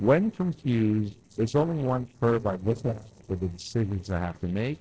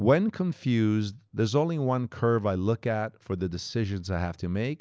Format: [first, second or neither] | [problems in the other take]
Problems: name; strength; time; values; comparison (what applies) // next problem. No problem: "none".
second | noise reduction (neural separator model SepFormer DNS4)